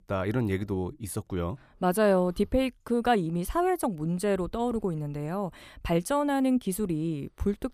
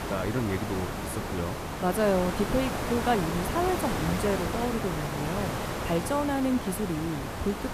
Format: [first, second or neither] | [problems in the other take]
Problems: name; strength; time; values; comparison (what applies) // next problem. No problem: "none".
first | hiss; loud; throughout; 3 dB below the speech